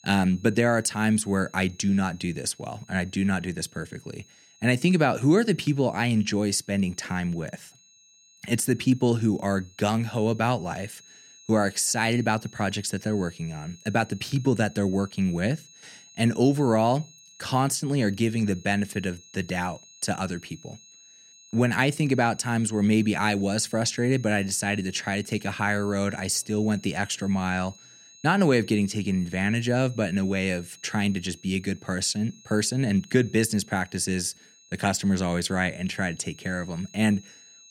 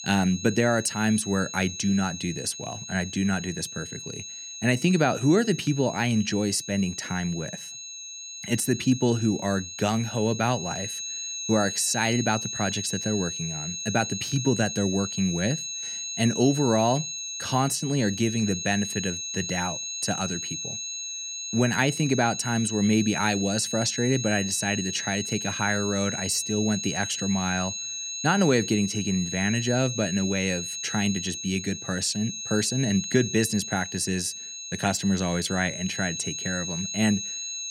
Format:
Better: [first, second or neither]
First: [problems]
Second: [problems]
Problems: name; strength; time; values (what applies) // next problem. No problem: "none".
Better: first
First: high-pitched whine; faint; throughout; 6.5 kHz, 25 dB below the speech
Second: high-pitched whine; loud; throughout; 6.5 kHz, 6 dB below the speech